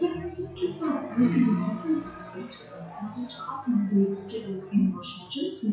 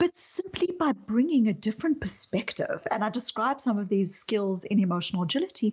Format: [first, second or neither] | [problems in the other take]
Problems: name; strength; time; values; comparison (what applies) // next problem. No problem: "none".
second | noise reduction (classical method WPE with log-MMSE)